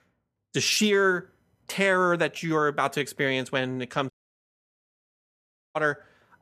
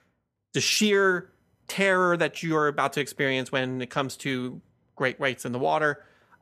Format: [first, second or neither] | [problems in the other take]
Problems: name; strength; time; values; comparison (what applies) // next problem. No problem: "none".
second | audio cutting out; at 4 s for 1.5 s